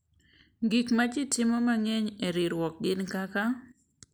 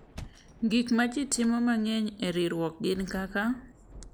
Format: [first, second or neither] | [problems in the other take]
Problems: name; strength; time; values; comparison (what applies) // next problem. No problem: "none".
first | background sound (Thunder / Rain + Thump, thud); 20 dB below the speech